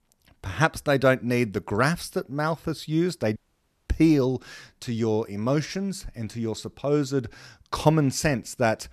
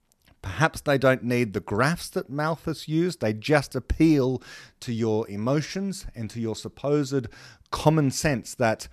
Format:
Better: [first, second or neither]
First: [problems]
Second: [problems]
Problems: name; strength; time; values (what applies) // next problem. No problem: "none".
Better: second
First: audio cutting out; at 3.5 s for 0.5 s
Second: none